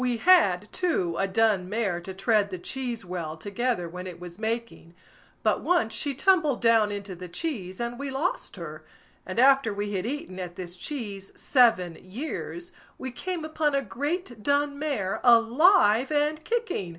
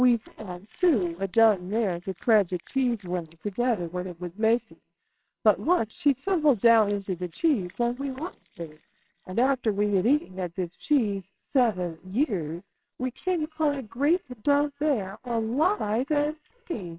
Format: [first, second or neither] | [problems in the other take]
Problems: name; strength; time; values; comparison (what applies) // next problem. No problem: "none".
first | noise reduction (neural separator model SepFormer WHAMR!)